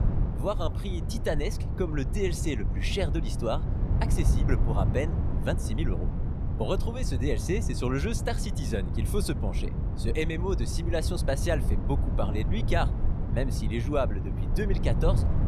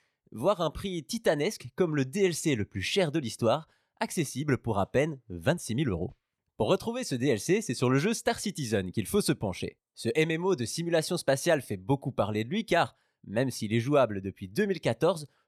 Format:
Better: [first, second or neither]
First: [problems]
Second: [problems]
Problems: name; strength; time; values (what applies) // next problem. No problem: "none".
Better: second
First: wind noise on the microphone; heavy; 9 dB below the speech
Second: none